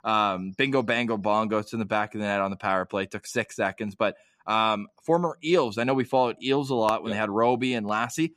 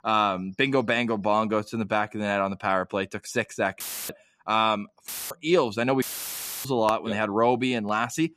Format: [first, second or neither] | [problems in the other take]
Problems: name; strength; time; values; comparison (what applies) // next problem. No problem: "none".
first | audio cutting out; filled with static; at 4 s, at 5 s and at 6 s for 0.5 s